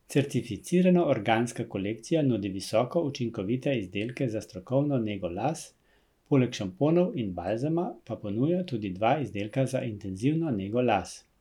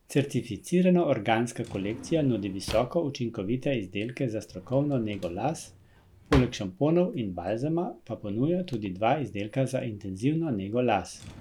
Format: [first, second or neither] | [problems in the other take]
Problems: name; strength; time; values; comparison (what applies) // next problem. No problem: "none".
first | background sound (Drawer open or close); 15 dB below the speech